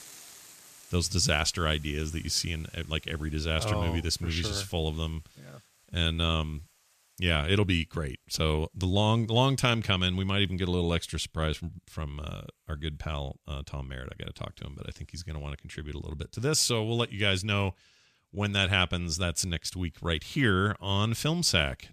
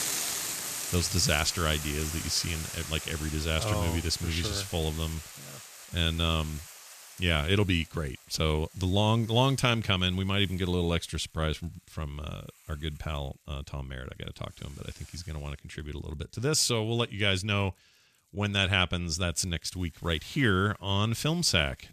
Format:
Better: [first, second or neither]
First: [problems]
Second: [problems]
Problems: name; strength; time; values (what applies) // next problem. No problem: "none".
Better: first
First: hiss; faint; throughout; 25 dB below the speech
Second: hiss; loud; throughout; 8 dB below the speech